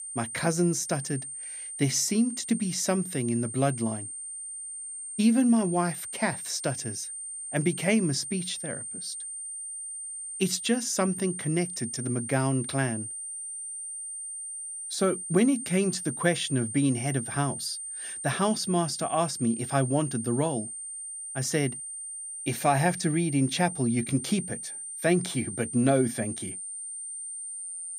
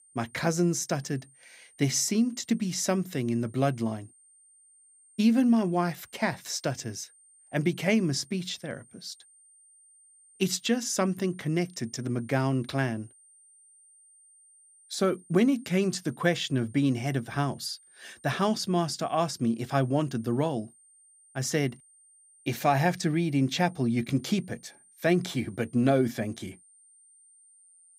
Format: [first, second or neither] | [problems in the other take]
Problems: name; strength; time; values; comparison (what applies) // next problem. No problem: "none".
second | high-pitched whine; loud; throughout; 9 kHz, 7 dB below the speech; faint in the second